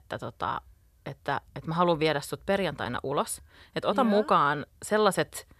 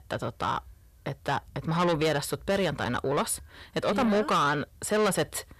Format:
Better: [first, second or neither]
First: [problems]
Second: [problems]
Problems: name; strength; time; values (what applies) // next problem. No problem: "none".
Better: first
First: none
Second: distortion; heavy; 7 dB below the speech